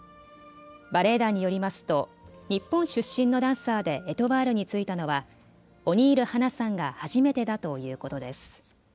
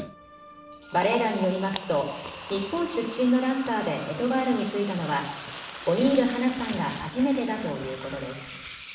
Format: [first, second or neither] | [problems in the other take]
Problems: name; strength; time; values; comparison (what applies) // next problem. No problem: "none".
first | background sound (Liquid); 13 dB below the speech // room echo; dies away in 0.9 s